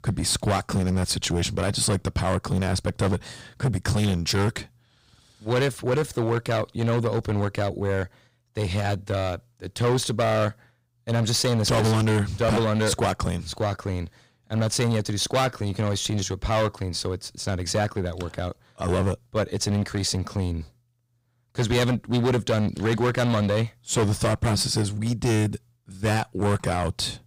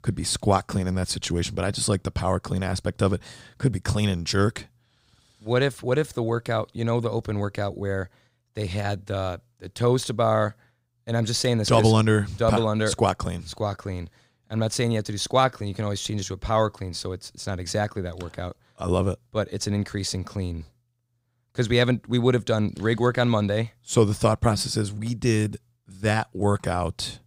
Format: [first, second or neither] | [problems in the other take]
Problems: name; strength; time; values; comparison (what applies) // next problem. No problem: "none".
second | distortion; heavy; 12% of the sound clipped